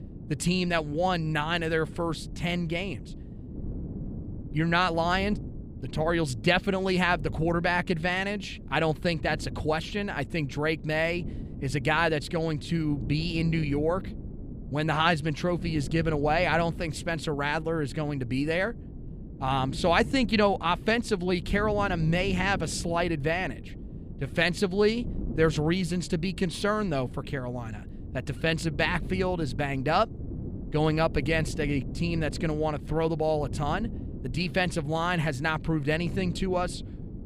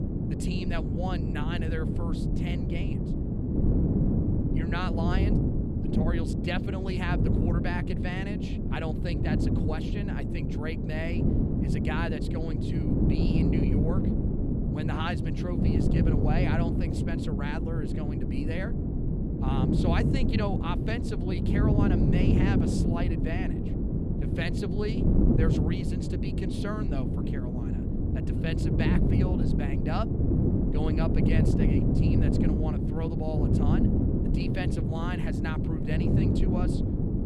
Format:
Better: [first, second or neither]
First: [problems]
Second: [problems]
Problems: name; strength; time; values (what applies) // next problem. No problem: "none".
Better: first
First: wind noise on the microphone; occasional gusts; 20 dB below the speech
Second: wind noise on the microphone; heavy; 2 dB above the speech